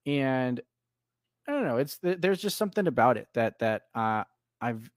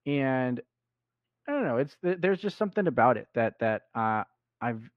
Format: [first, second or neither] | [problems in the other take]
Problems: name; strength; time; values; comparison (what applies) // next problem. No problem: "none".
first | muffled; slightly; fading above 2 kHz